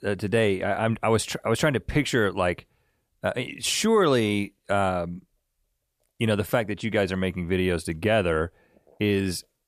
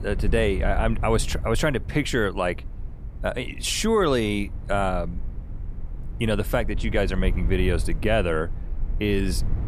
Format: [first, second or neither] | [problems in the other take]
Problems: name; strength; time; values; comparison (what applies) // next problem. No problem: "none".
first | low rumble; faint; throughout; 20 dB below the speech